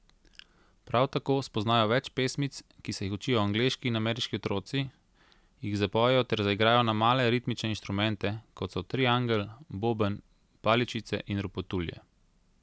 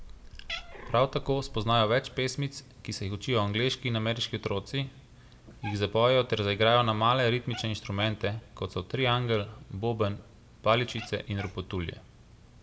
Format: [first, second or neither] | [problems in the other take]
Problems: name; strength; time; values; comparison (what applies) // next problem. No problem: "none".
first | background sound (Cat); 18 dB below the speech // room echo; dies away in 0.7 s